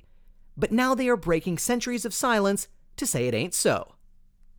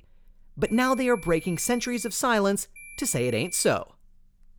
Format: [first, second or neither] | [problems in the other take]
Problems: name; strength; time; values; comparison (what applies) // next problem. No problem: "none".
first | high-pitched whine; noticeable; from 0.5 to 2 s and at 3 s; 2.5 kHz, 15 dB below the speech